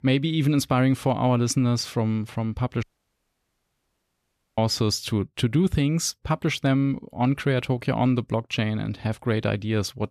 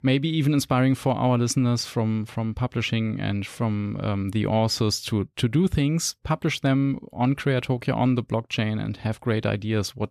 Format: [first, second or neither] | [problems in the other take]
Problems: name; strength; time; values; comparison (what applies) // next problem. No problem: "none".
second | audio cutting out; at 3 s for 2 s